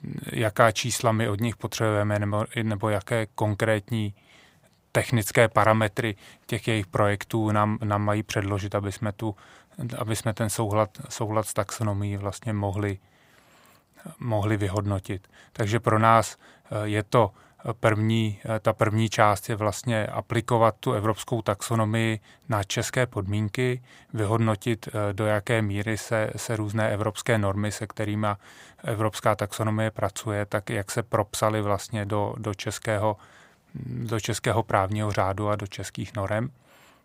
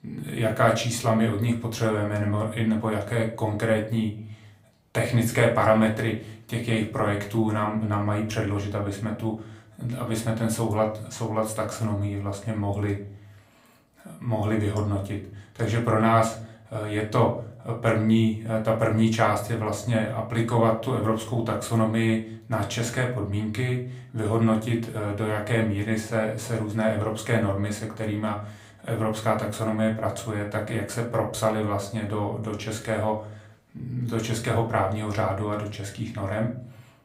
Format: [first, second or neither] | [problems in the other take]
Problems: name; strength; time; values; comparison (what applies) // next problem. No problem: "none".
first | room echo; slight; dies away in 0.4 s // off-mic speech; far